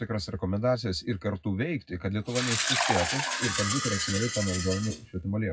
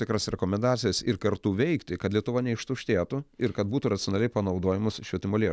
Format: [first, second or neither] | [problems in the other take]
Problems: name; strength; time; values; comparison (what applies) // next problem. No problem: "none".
second | noise reduction (classical method WPE with log-MMSE)